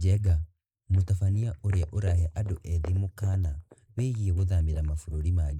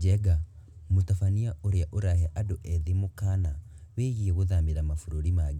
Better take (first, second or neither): second